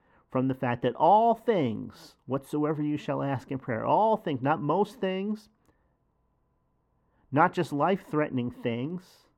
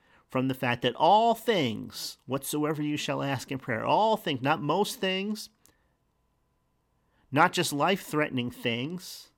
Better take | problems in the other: second | muffled; very; fading above 2 kHz

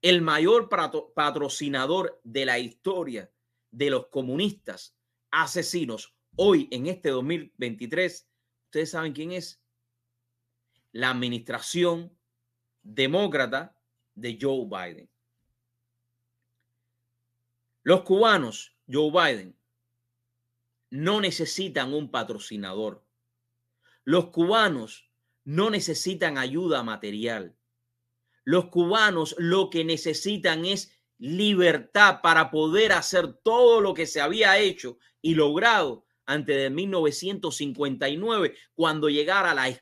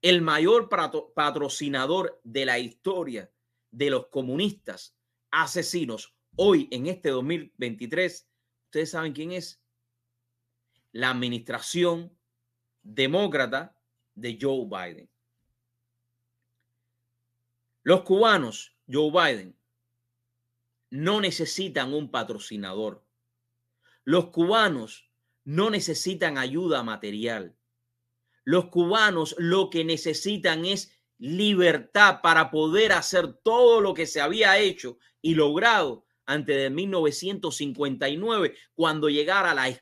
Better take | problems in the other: neither | none

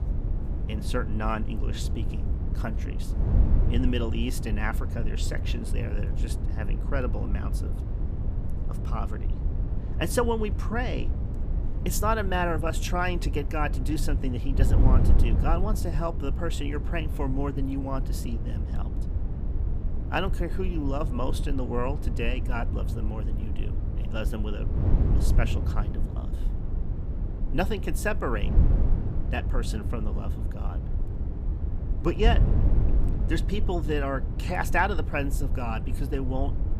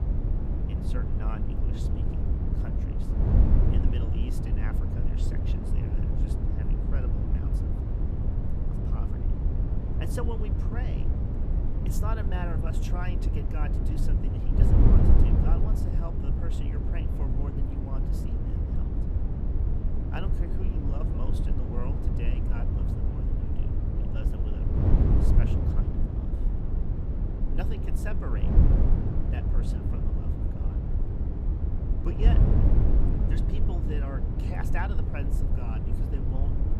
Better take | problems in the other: first | wind noise on the microphone; heavy; 3 dB above the speech; occasional gusts in the first

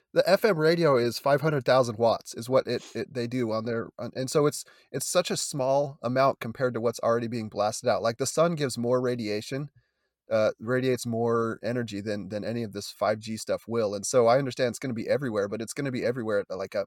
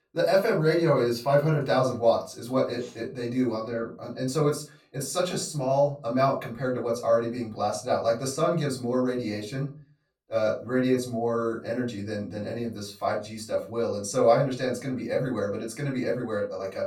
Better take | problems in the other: first | off-mic speech; far // room echo; very slight; dies away in 0.3 s

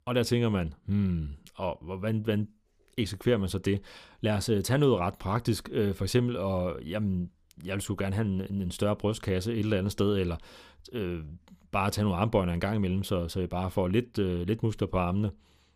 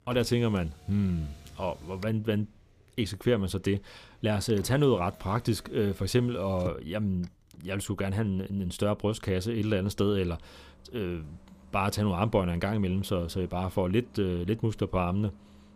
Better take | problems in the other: first | traffic noise; faint; throughout; 20 dB below the speech

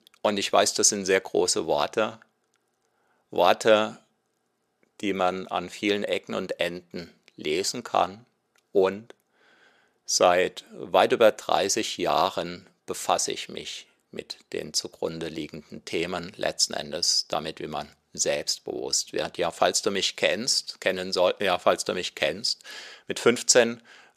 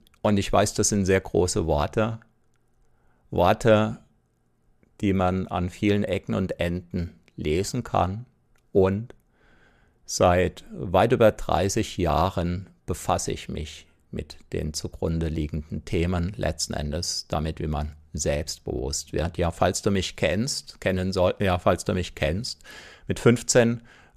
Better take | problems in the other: second | thin; somewhat; fading below 350 Hz

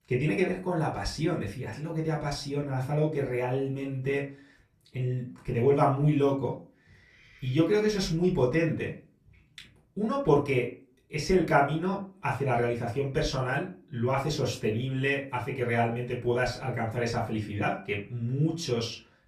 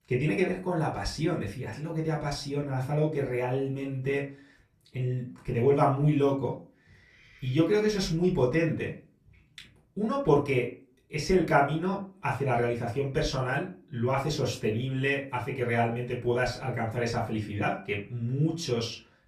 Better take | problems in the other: neither | off-mic speech; far; the same in both // room echo; slight; dies away in 0.3 s; the same in both

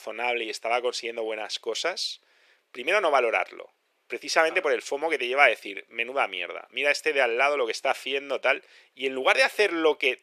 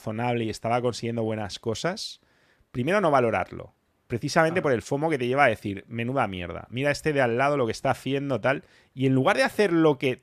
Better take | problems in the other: second | thin; very; fading below 400 Hz

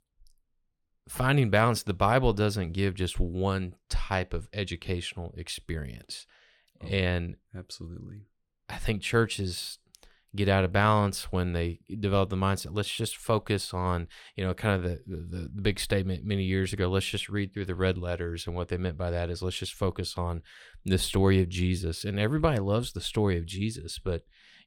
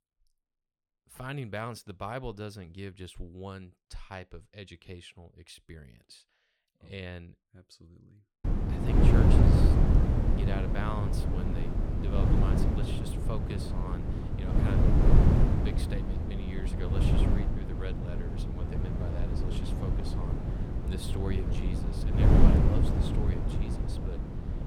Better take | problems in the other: first | wind noise on the microphone; heavy; from 8.5 s on; 5 dB above the speech

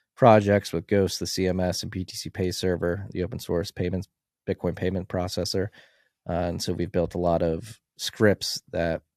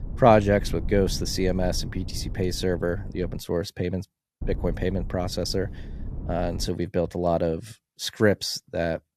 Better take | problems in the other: first | wind noise on the microphone; occasional gusts; until 3.5 s and from 4.5 to 6.5 s; 20 dB below the speech

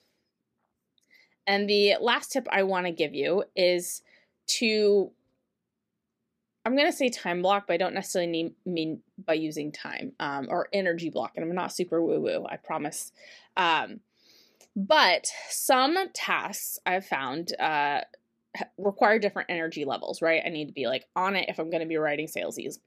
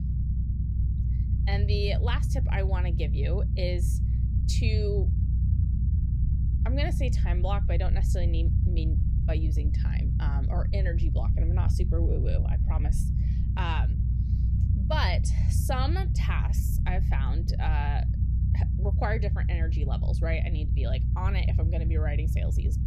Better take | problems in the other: first | low rumble; loud; throughout; 6 dB below the speech

